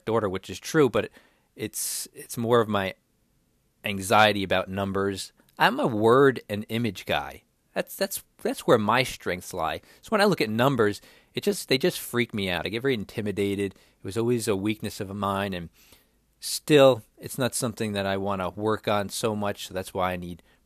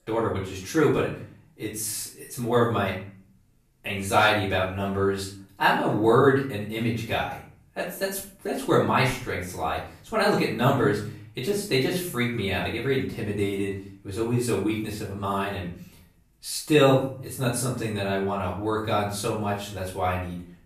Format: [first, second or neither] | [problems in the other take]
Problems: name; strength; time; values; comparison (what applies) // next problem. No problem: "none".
first | off-mic speech; far // room echo; noticeable; dies away in 0.5 s